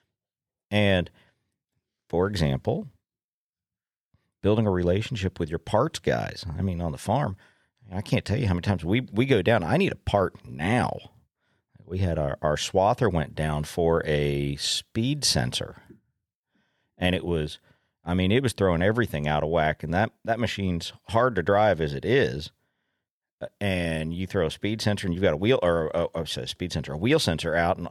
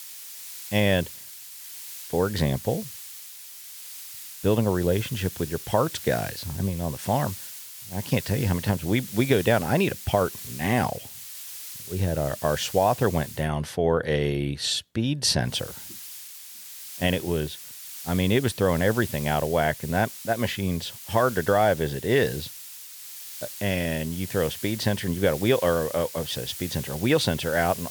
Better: first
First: none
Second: hiss; noticeable; until 13 s and from 15 s on; 10 dB below the speech

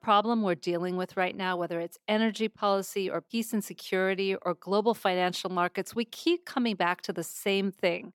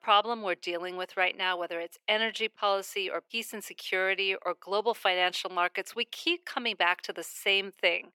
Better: first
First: none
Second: thin; somewhat; fading below 500 Hz

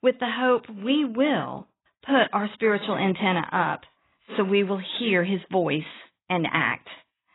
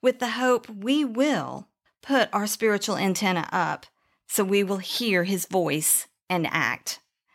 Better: second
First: garbled, watery; badly; nothing above 4 kHz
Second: none

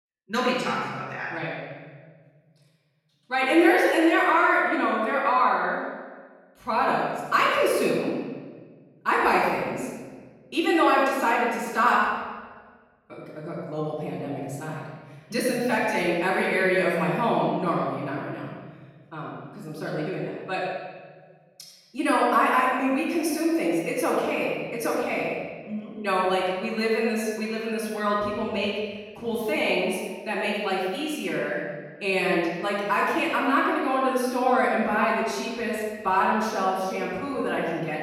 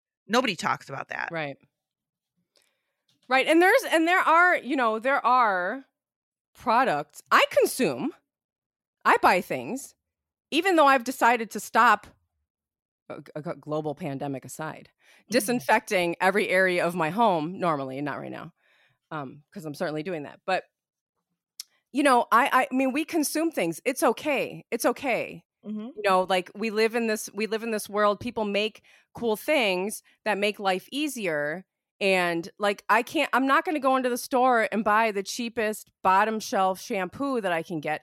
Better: second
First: room echo; strong; dies away in 1.4 s // off-mic speech; far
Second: none

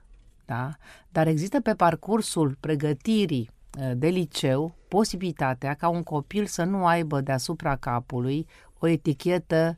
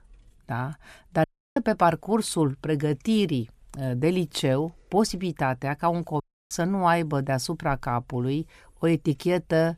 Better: first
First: none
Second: audio cutting out; at 1 s and at 6 s

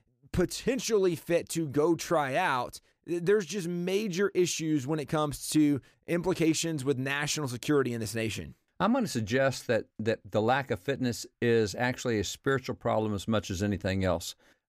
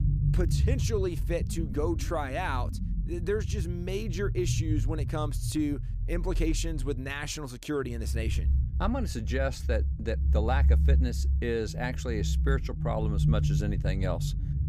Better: first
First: none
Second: low rumble; noticeable; throughout; 10 dB below the speech

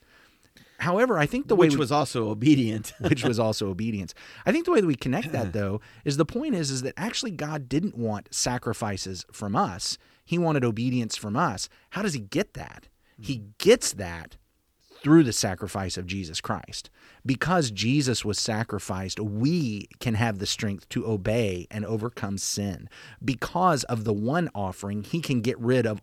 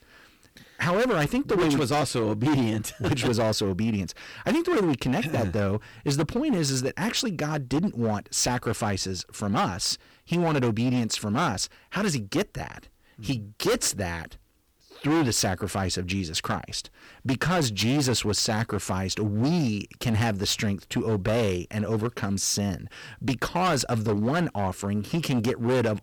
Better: first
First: none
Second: distortion; heavy; 13% of the sound clipped

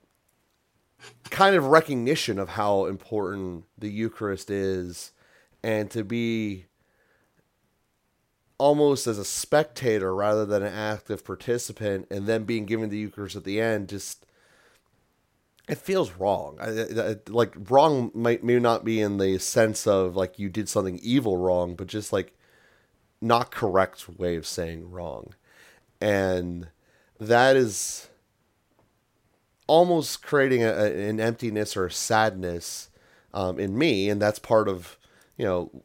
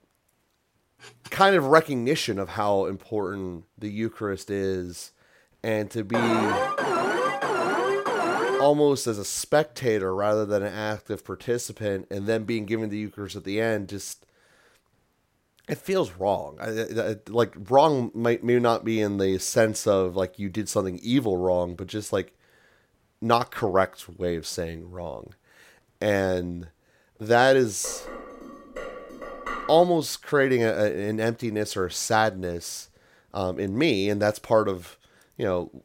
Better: first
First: none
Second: alarm; loud; from 6 to 8.5 s; peak 1 dB above the speech // clattering dishes; noticeable; from 28 to 30 s; peak 8 dB below the speech

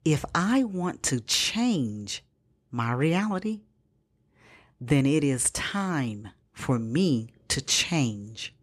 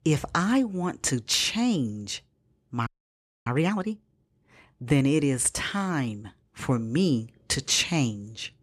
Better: first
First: none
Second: audio freezing; at 3 s for 0.5 s

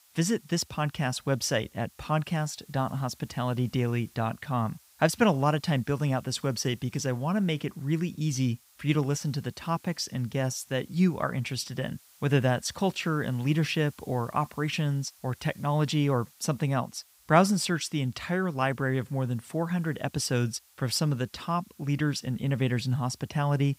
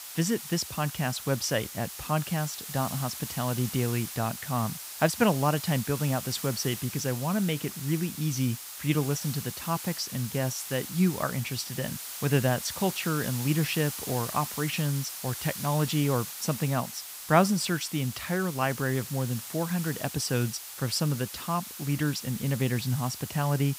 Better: first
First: hiss; faint; throughout; 25 dB below the speech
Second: hiss; loud; throughout; 8 dB below the speech

